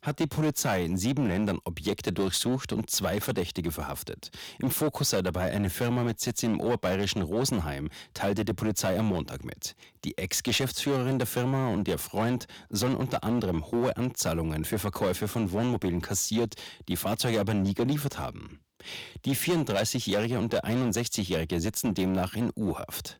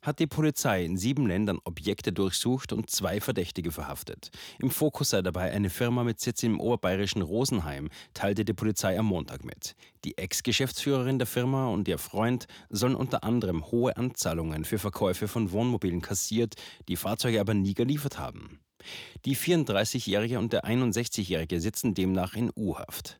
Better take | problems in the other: second | distortion; slight; 8% of the sound clipped

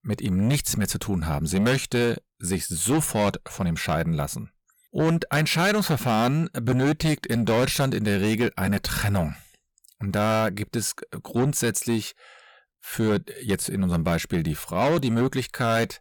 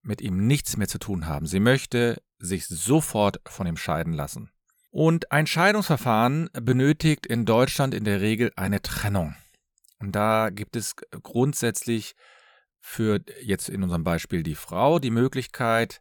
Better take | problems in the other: second | distortion; heavy; 8 dB below the speech

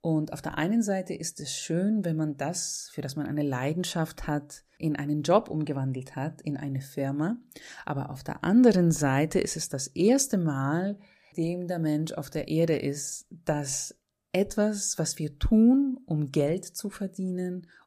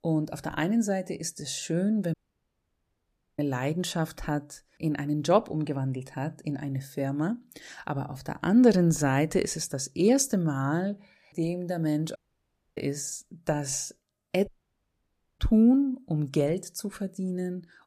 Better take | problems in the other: first | audio cutting out; at 2 s for 1 s, at 12 s for 0.5 s and at 14 s for 1 s

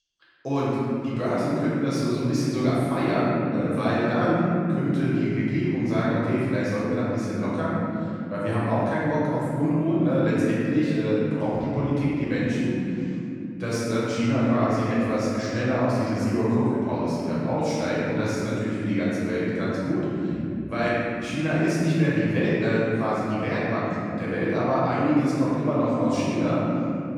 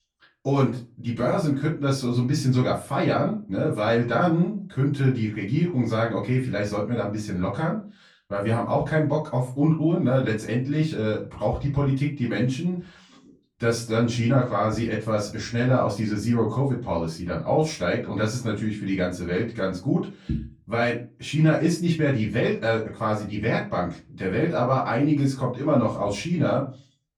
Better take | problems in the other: second | room echo; strong; dies away in 3 s; slight in the second // off-mic speech; far; far in the second

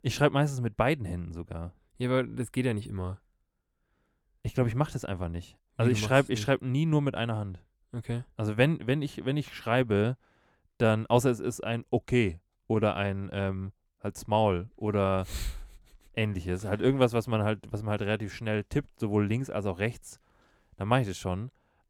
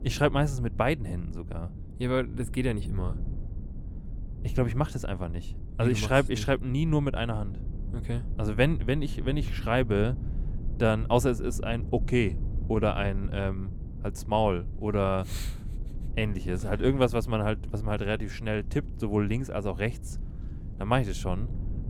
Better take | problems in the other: first | low rumble; faint; throughout; 20 dB below the speech

